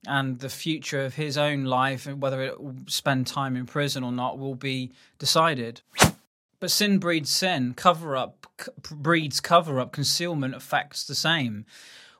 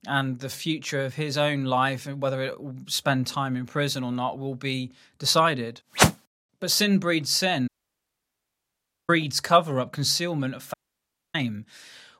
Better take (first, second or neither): first